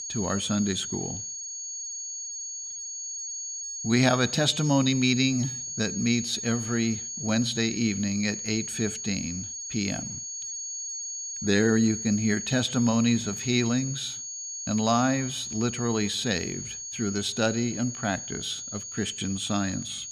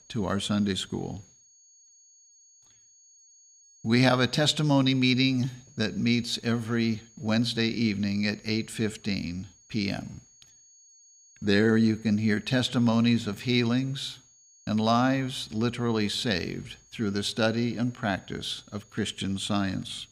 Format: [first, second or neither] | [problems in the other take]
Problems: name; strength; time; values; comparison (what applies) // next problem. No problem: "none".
second | high-pitched whine; loud; throughout; 6.5 kHz, 6 dB below the speech; faint in the second